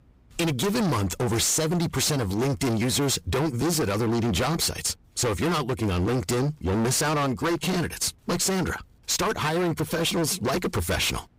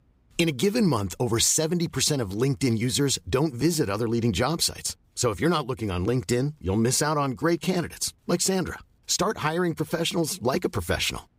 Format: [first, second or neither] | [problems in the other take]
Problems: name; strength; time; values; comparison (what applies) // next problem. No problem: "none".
second | distortion; heavy; 32% of the sound clipped